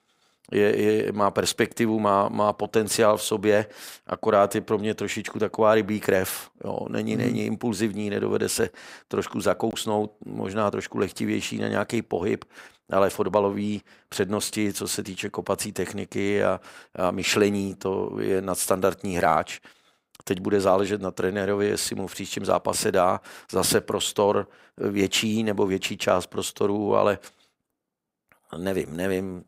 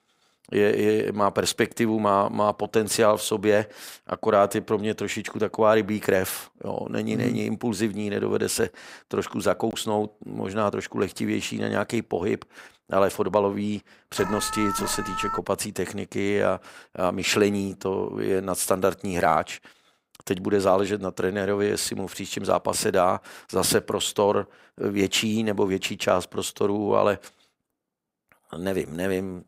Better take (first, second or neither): first